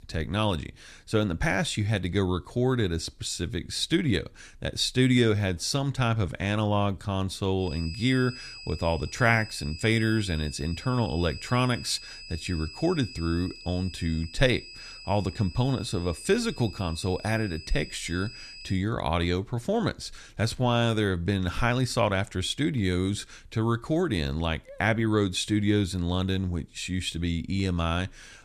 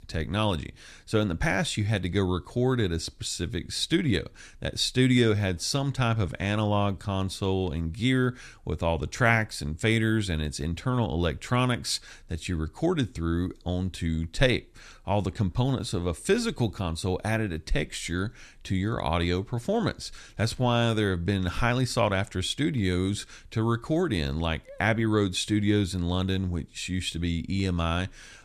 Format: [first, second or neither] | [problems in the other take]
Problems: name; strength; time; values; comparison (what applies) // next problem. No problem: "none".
second | high-pitched whine; noticeable; from 7.5 to 19 s; 5 kHz, 15 dB below the speech